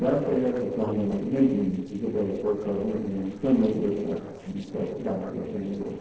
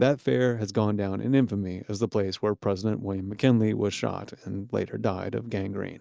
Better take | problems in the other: second | noise reduction (neural separator model SepFormer DNS4)

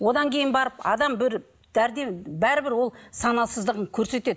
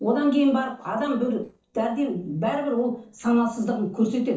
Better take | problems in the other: first | noise reduction (neural separator model SepFormer DNS4)

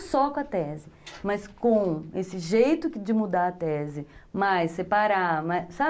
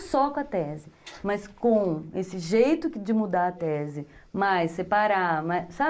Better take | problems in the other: first | noise reduction (neural mask model Resemble Enhance denoiser)

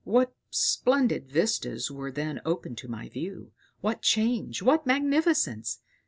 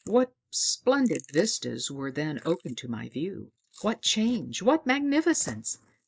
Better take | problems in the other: first | noise reduction (neural mask model Resemble Enhance denoiser)

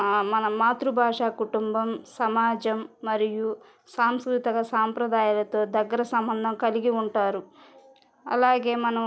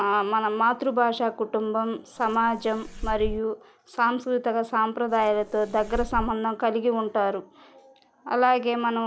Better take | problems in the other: first | background sound (Fireworks); 10 dB below the speech

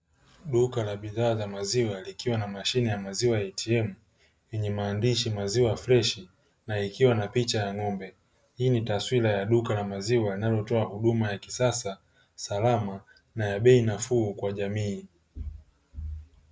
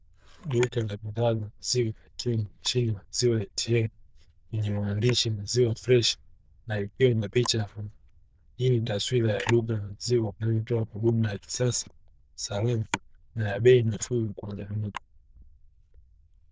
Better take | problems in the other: first | noise reduction (neural diffusion model UNIVERSE++)

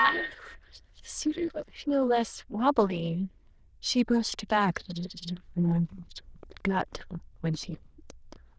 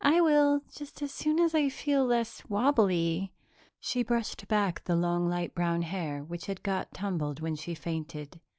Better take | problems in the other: second | noise reduction (neural diffusion model UNIVERSE++)

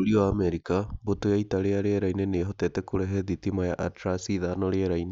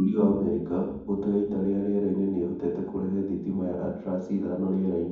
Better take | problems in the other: first | room echo; dies away in 1.2 s

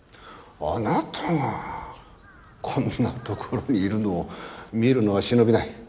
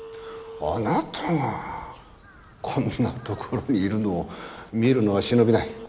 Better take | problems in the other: first | background sound (Telephone); 19 dB below the speech

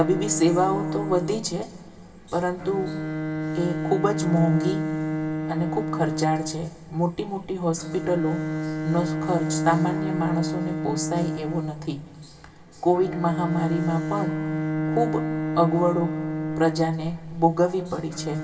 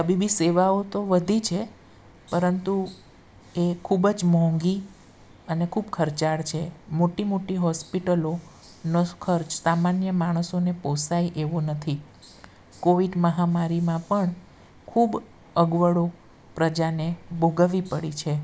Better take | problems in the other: second | background sound (Bowed string instrument); 3 dB below the speech // room echo; dies away in 2.6 s

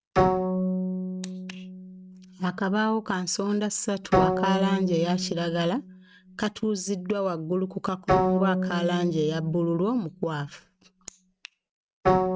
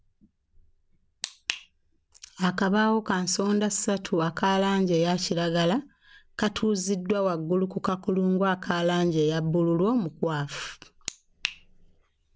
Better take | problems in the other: second | noise reduction (neural mask model RNNoise)

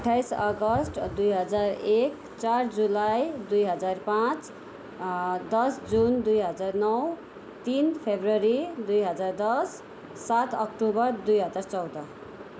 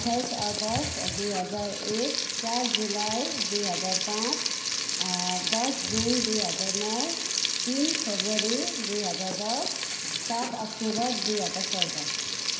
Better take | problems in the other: first | background sound (Frying (food)); 1 dB above the speech // room echo; dies away in 0.9 s

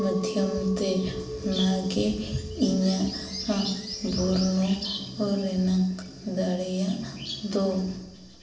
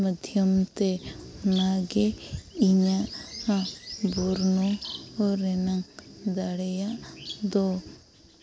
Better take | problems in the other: second | background sound (Chink, clink); 13 dB below the speech // room echo; dies away in 0.9 s

